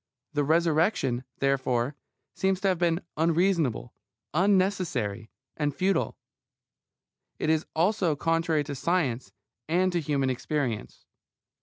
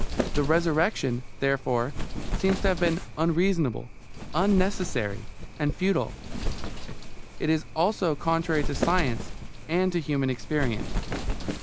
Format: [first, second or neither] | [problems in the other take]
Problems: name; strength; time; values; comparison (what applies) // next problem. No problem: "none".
first | background sound (Wind); 3 dB below the speech